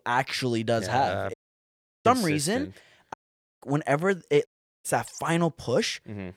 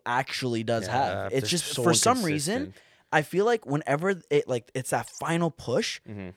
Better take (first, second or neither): second